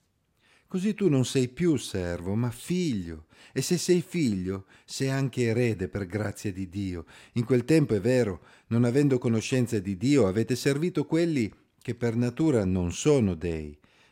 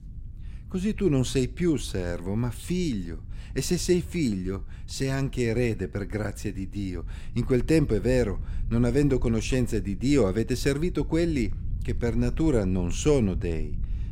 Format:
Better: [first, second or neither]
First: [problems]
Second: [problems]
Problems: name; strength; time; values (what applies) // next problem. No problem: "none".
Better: first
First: none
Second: low rumble; faint; throughout; 25 dB below the speech